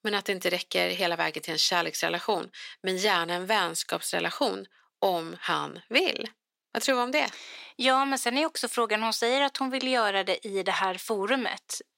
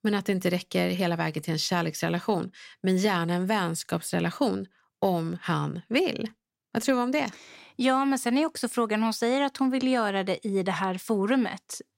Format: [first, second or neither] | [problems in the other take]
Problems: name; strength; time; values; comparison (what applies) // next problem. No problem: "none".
second | thin; somewhat; fading below 450 Hz